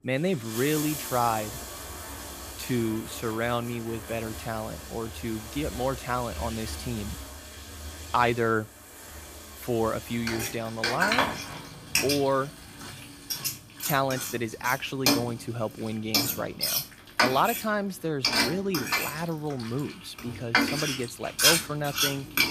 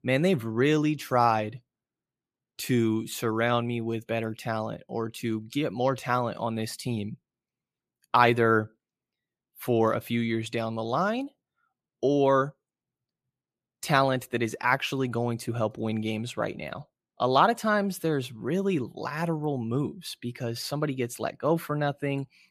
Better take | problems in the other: second | household noises; very loud; throughout; 1 dB above the speech

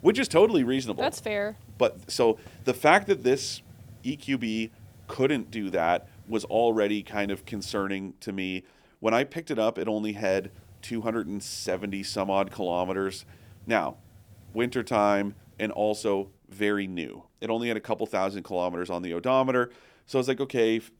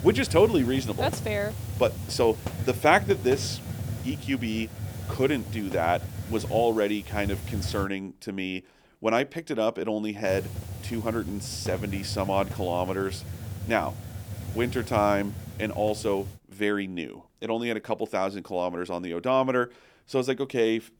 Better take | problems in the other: first | hiss; loud; until 8 s and from 10 to 16 s; 8 dB below the speech; faint in the first

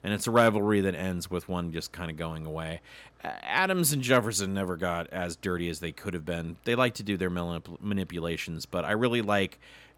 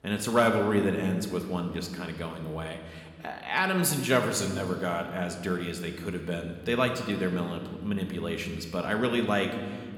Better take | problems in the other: first | room echo; slight; dies away in 1.5 s

